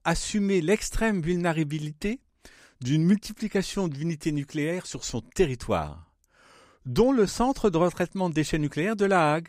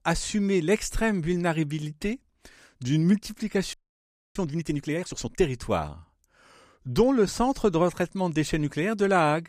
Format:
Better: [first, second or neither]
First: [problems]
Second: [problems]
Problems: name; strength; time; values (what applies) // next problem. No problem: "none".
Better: first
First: none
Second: audio freezing; at 3.5 s for 0.5 s